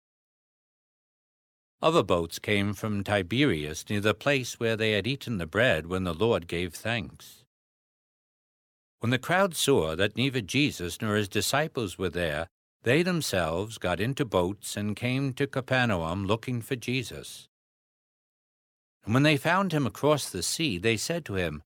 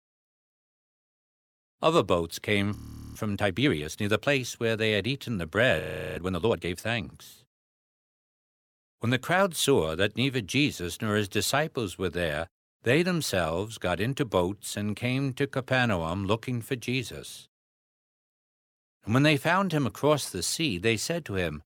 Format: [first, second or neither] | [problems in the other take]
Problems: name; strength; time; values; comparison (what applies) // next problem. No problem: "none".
first | audio freezing; at 3 s and at 6 s